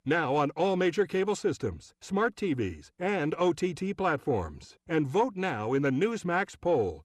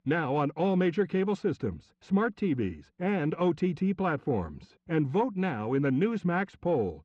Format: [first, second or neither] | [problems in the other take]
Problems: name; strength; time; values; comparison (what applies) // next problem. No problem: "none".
first | muffled; slightly; fading above 3.5 kHz